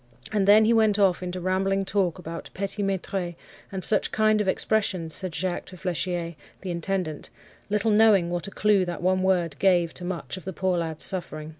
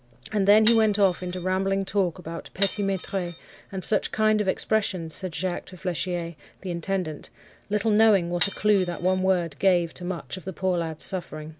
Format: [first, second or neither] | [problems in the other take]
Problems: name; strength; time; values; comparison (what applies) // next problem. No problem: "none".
first | background sound (Glass); 12 dB below the speech